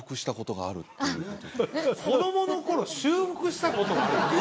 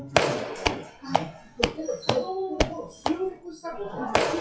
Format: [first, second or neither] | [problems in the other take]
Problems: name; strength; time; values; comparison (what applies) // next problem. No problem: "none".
first | noise reduction (classical method WPE with log-MMSE)